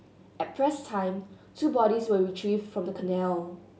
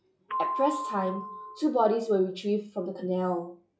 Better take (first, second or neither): first